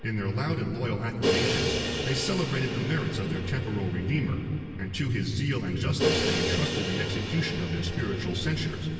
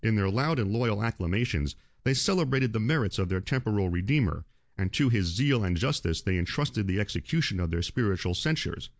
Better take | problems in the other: second | background sound (Crash cymbal); 4 dB below the speech // room echo; dies away in 2.6 s

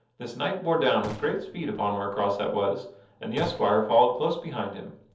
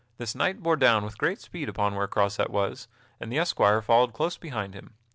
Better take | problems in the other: second | background sound (Gunshot, gunfire); 18 dB below the speech // room echo; dies away in 0.7 s

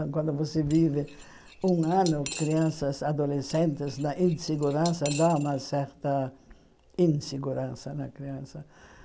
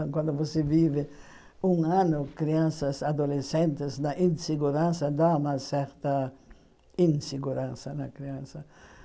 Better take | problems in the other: second | background sound (Cutlery, silverware / Dishes, pots, and pans); 16 dB below the speech

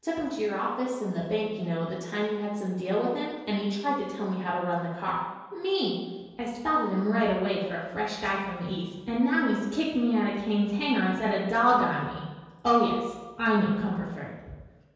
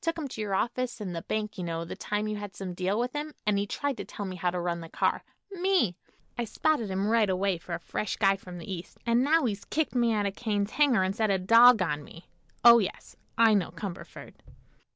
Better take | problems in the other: second | room echo; dies away in 1.2 s

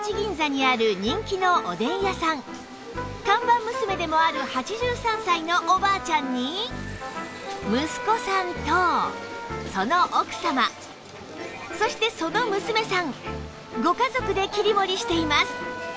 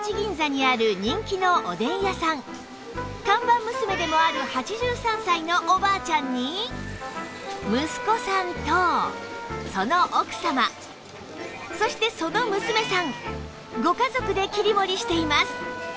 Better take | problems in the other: first | background sound (Meow); 10 dB below the speech

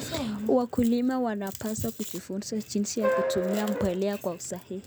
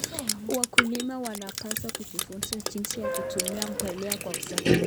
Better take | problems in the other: first | background sound (Drip); 4 dB above the speech

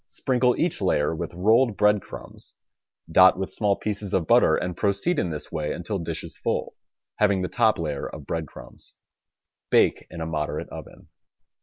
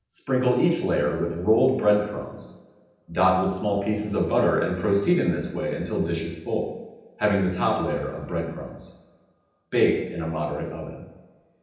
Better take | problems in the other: first | room echo; dies away in 0.9 s

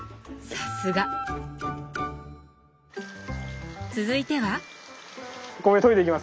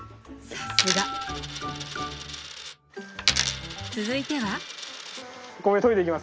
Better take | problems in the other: first | background sound (Coin (dropping)); 2 dB below the speech

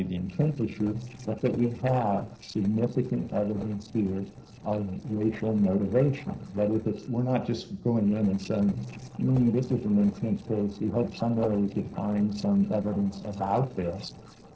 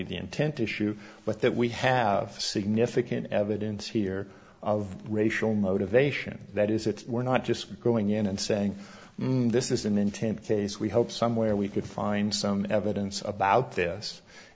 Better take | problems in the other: second | noise reduction (neural separator model SepFormer DNS4)

